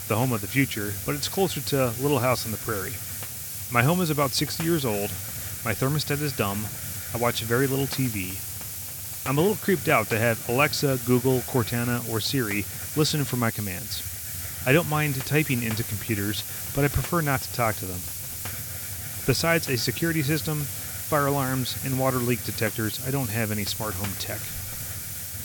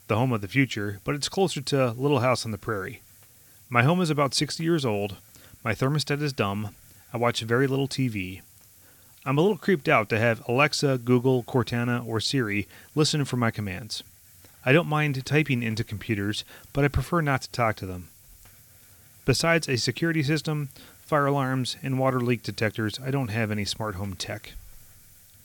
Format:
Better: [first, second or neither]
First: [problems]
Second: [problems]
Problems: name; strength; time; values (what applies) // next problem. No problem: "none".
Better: second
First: hiss; loud; throughout; 5 dB below the speech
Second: hiss; faint; throughout; 25 dB below the speech